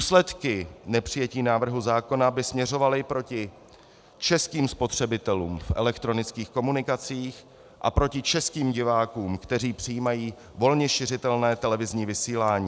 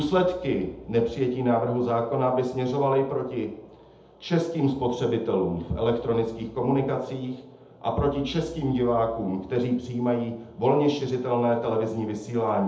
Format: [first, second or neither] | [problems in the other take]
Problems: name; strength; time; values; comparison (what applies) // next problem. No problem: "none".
first | room echo; dies away in 0.7 s